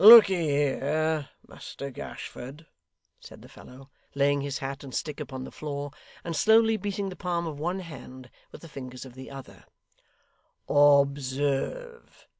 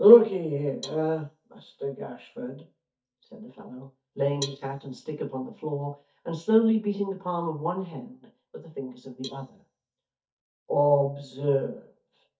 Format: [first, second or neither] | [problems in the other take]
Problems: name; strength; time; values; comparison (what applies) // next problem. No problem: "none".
first | noise reduction (neural mask model DeepFilterNet 3)